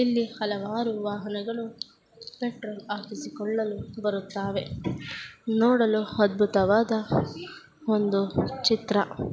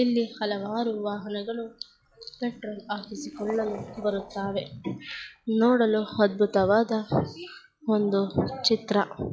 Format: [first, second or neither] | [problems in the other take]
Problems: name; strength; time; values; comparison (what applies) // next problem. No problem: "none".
first | noise reduction (classical method log-MMSE)